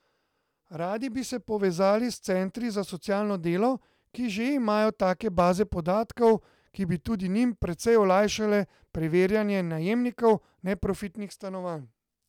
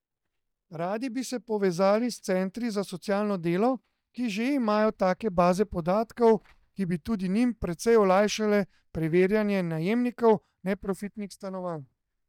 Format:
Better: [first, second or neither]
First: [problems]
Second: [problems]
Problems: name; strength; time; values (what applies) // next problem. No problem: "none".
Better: first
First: none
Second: noise reduction (neural mask model DeepFilterNet 3)